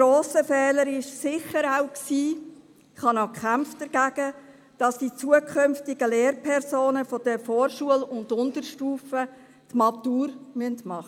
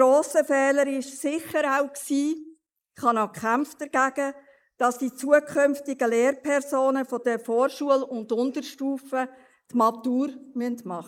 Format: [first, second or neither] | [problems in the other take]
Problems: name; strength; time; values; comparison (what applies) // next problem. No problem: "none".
first | noise reduction (neural mask model Resemble Enhance denoiser)